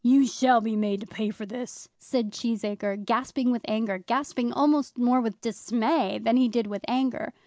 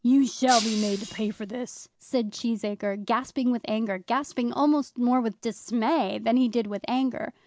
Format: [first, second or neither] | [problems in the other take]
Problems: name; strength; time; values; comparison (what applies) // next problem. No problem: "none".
first | background sound (Shatter); 9 dB below the speech